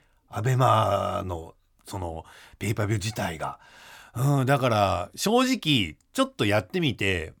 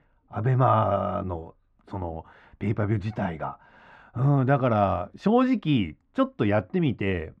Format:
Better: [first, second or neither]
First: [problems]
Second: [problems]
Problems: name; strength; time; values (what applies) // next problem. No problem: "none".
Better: first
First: none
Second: muffled; very; fading above 1.5 kHz